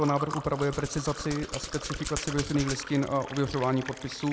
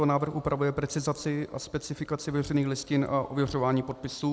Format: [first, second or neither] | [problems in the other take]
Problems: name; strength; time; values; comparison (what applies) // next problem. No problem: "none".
second | background sound (Liquid + Hands); 9 dB below the speech